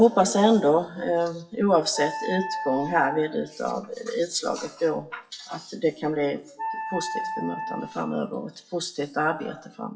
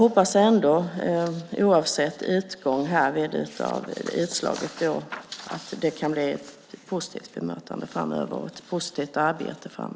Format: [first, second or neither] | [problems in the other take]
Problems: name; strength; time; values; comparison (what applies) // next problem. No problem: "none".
second | noise reduction (classical method WPE with log-MMSE)